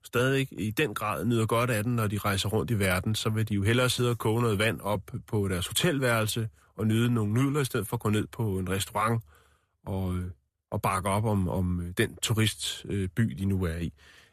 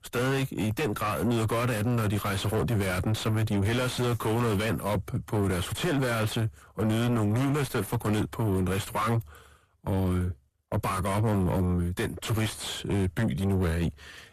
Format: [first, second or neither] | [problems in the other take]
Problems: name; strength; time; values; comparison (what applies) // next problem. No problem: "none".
first | distortion; heavy; 6 dB below the speech